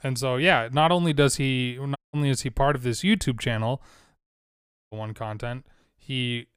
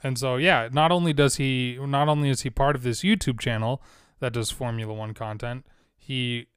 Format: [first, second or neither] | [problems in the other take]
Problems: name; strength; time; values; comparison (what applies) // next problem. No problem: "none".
second | audio cutting out; at 2 s and at 4 s for 0.5 s